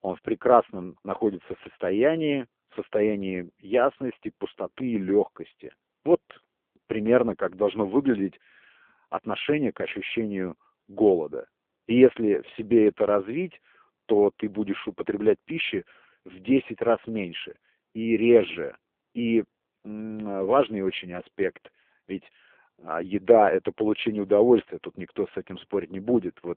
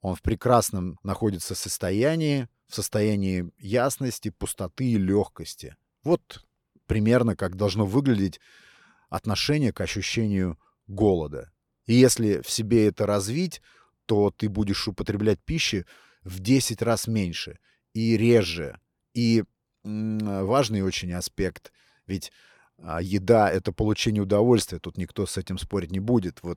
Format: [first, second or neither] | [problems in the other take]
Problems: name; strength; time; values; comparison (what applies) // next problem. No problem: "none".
second | phone-call audio; poor line